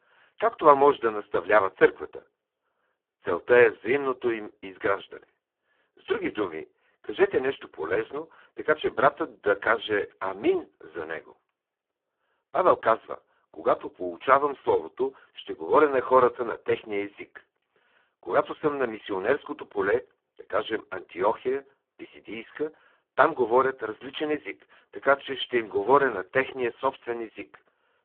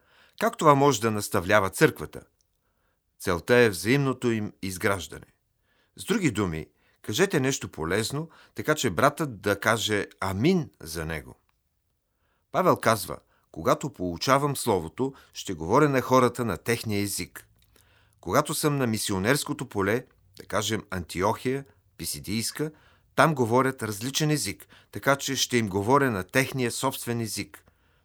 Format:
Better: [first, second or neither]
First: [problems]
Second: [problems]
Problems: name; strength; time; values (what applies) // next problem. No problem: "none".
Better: second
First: phone-call audio; poor line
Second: none